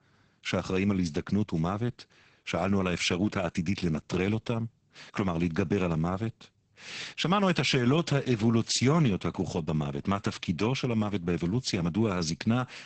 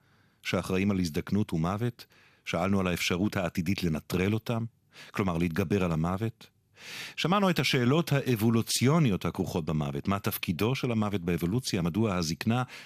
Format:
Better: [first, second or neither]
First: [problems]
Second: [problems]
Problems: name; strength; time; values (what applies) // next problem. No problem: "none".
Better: second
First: garbled, watery; badly; nothing above 8 kHz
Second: none